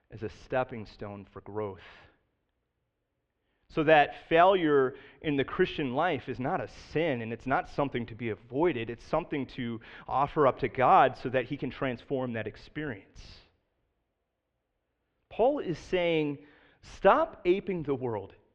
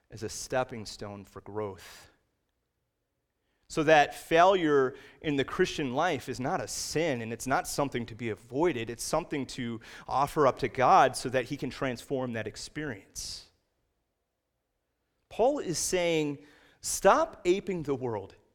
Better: second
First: muffled; very; fading above 3 kHz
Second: none

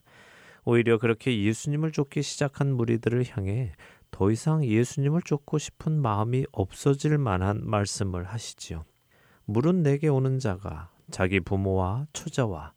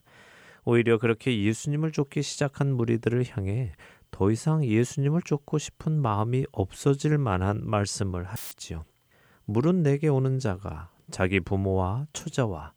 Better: first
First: none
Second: audio cutting out; filled with static; at 8.5 s

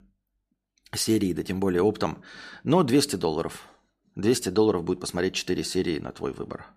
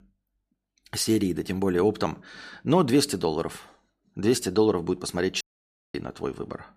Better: first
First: none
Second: audio cutting out; at 5.5 s for 0.5 s

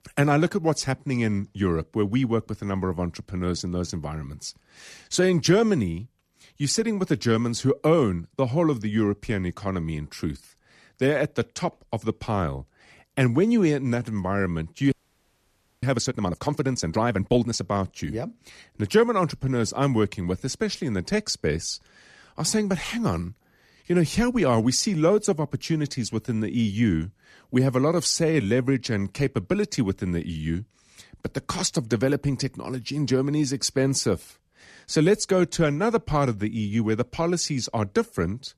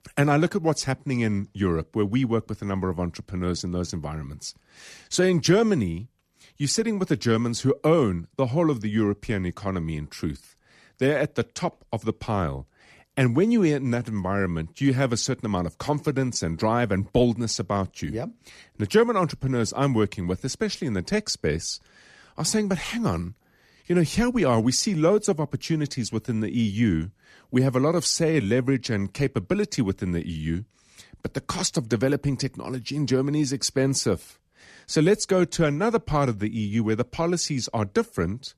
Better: second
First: audio freezing; at 15 s for 1 s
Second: none

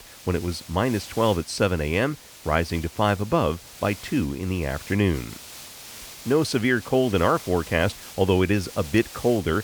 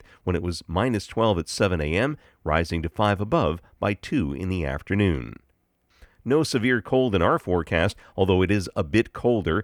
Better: second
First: hiss; noticeable; throughout; 15 dB below the speech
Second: none

